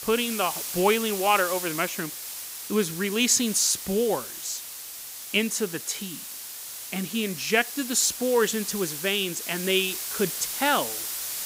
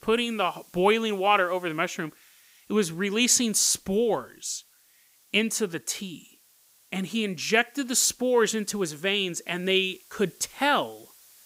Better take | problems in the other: second | hiss; loud; throughout; 7 dB below the speech; faint in the second

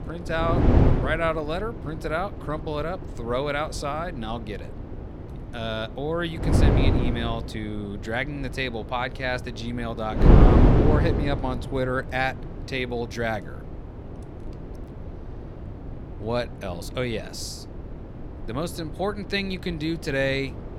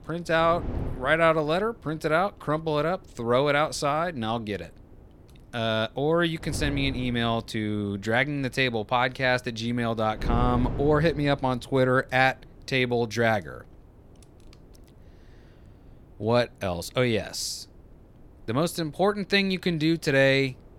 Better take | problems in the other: second | wind noise on the microphone; heavy; 3 dB below the speech; occasional gusts in the second

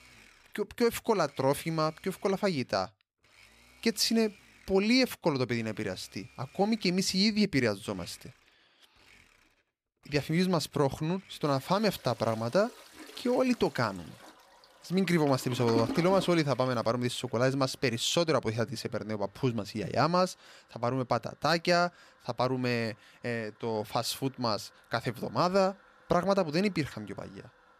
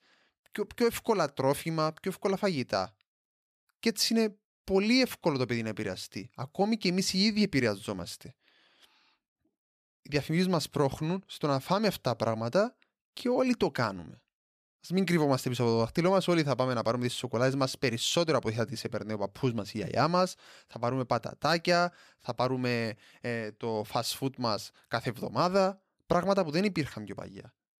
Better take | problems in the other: second | household noises; noticeable; throughout; 20 dB below the speech

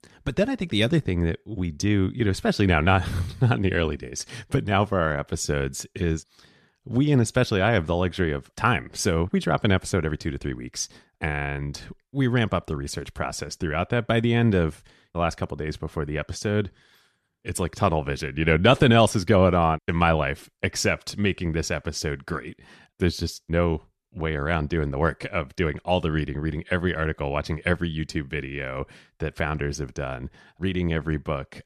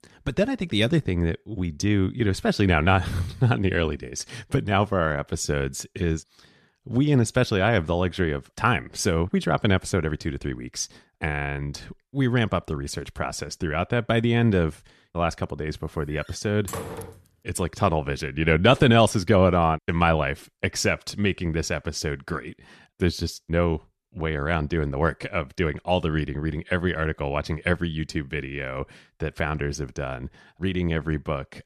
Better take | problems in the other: first | door banging; noticeable; from 16 to 17 s; peak 9 dB below the speech

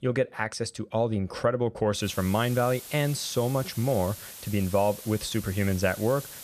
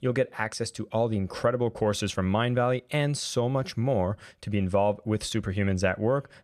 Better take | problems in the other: second | hiss; noticeable; from 2 s on; 15 dB below the speech

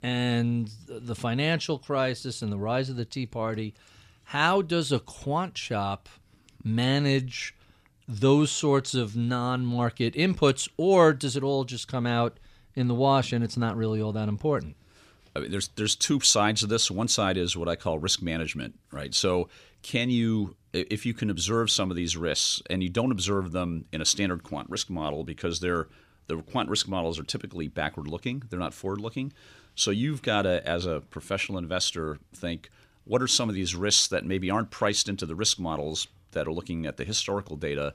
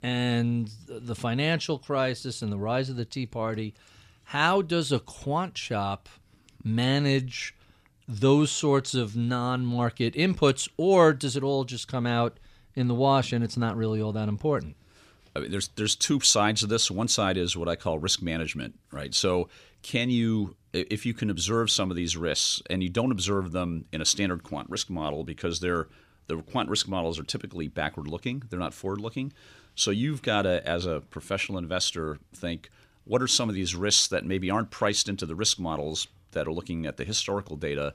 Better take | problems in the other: neither | none

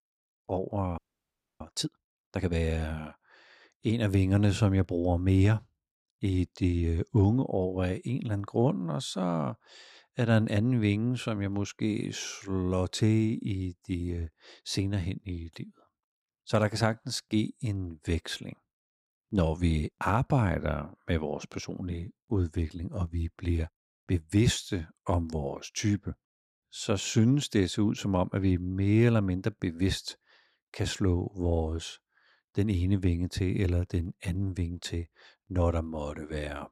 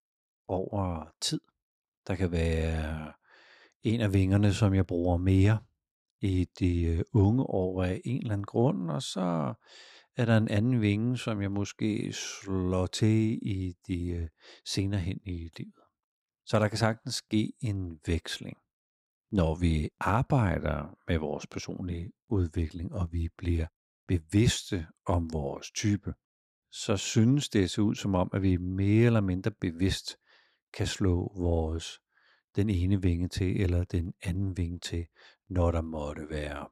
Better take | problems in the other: second | audio freezing; at 1 s for 0.5 s

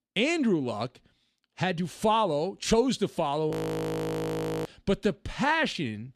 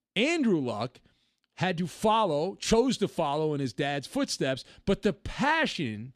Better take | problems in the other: second | audio freezing; at 3.5 s for 1 s

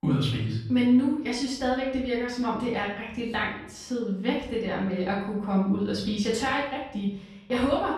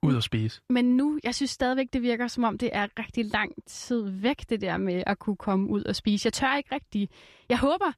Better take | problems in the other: second | off-mic speech; far // room echo; noticeable; dies away in 0.7 s

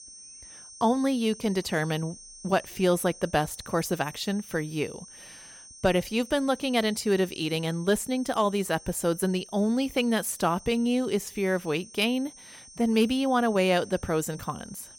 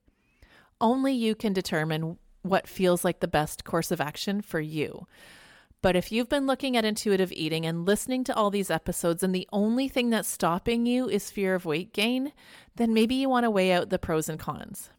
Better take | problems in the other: second | high-pitched whine; noticeable; throughout; 6 kHz, 20 dB below the speech

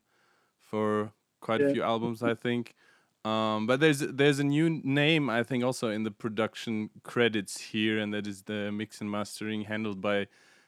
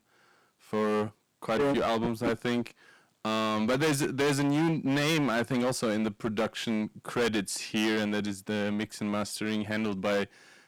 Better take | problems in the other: first | distortion; heavy; 15% of the sound clipped

